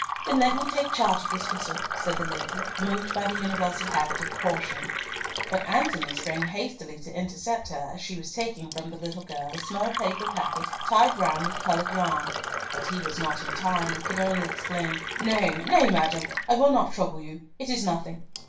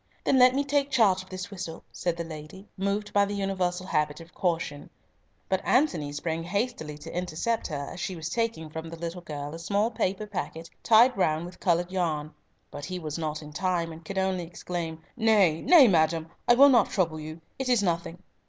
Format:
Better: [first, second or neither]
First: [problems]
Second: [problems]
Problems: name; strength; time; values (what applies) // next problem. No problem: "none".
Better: second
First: background sound (Fill (with liquid)); 5 dB below the speech // room echo; dies away in 0.3 s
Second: none